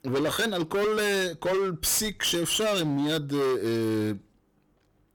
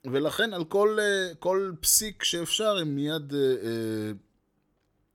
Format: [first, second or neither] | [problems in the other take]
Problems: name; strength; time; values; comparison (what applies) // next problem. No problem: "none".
second | distortion; heavy; 26% of the sound clipped